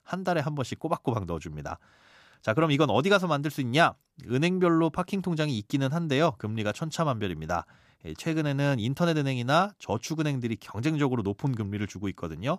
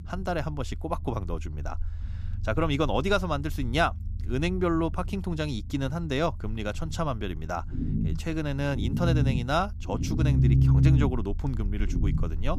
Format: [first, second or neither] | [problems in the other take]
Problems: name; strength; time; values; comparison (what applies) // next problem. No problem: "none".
first | low rumble; loud; throughout; 7 dB below the speech